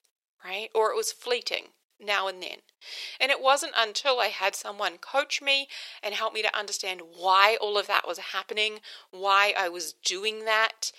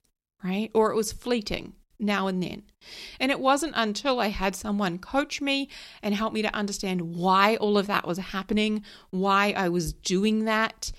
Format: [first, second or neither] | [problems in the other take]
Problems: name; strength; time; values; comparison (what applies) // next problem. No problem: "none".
second | thin; very; fading below 500 Hz